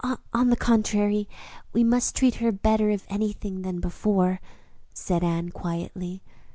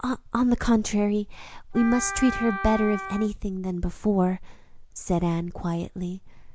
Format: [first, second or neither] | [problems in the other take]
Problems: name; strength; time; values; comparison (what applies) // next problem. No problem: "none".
first | background sound (Wind instrument, woodwind instrument); 8 dB below the speech